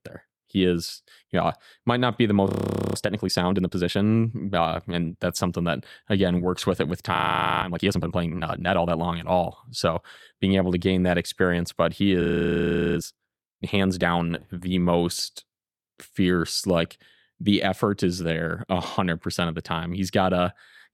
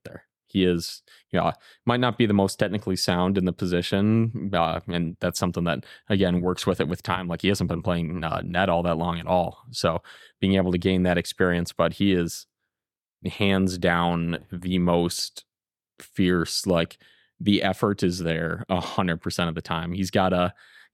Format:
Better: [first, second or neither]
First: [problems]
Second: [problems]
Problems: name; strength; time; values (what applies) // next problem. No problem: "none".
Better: second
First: audio freezing; at 2.5 s, at 7 s and at 12 s for 0.5 s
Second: none